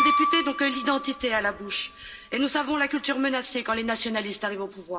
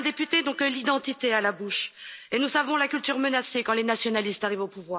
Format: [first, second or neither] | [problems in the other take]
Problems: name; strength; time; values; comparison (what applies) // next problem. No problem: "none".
second | background sound (Piano); 4 dB below the speech // room echo; dies away in 1.5 s